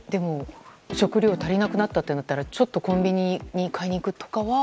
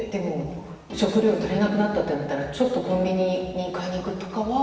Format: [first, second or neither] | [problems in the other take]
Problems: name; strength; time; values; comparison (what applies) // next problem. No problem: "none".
first | room echo; dies away in 1.3 s